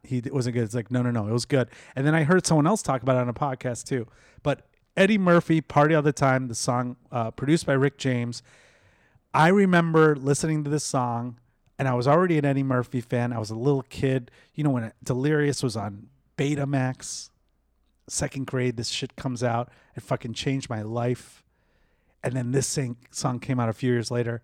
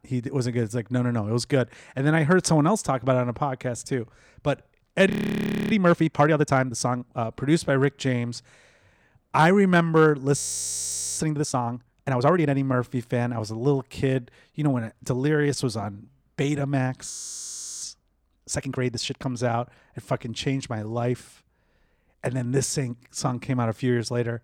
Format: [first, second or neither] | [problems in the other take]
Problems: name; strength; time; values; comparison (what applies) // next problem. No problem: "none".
first | audio freezing; at 5 s for 0.5 s, at 10 s for 1 s and at 17 s for 0.5 s